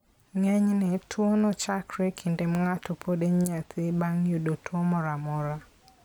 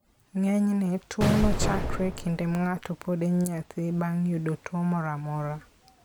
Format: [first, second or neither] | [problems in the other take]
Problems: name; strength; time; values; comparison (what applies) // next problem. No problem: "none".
first | background sound (Explosion); 3 dB below the speech